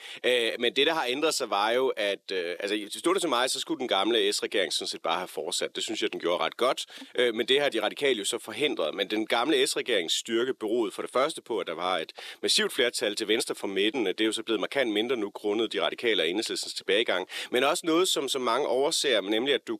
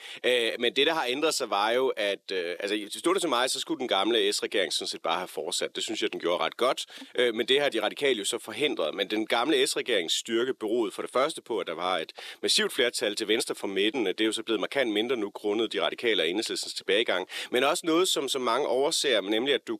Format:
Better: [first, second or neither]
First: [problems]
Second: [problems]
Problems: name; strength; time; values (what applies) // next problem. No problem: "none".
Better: neither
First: thin; somewhat; fading below 300 Hz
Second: thin; somewhat; fading below 300 Hz